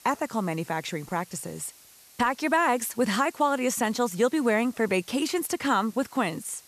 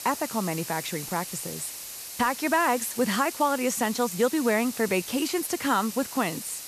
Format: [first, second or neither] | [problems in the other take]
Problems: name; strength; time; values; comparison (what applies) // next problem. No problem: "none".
first | hiss; loud; throughout; 9 dB below the speech; faint in the first